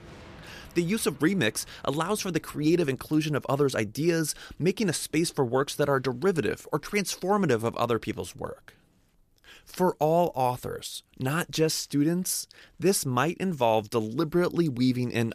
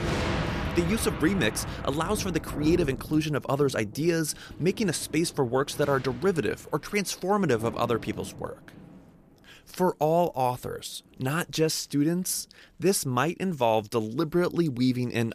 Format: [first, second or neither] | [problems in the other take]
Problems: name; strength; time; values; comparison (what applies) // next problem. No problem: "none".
first | rain or running water; loud; throughout; 10 dB below the speech; faint in the first